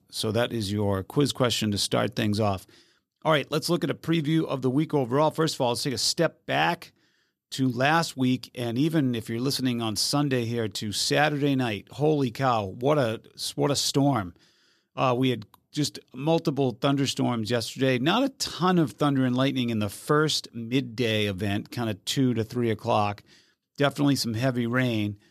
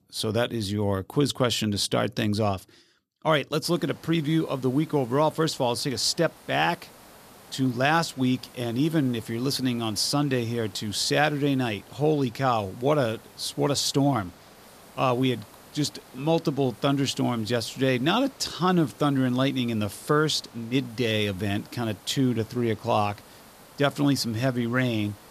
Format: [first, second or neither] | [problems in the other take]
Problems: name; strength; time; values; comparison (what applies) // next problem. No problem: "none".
first | hiss; faint; from 3.5 s on; 25 dB below the speech